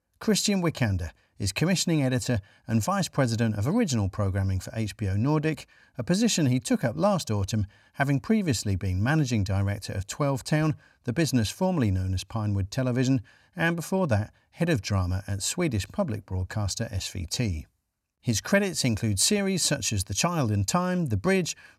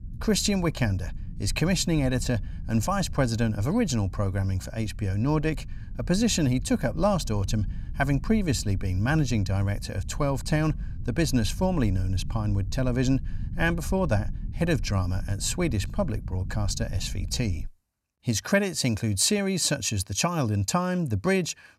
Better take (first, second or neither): first